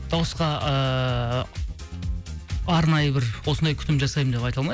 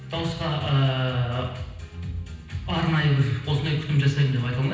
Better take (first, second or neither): first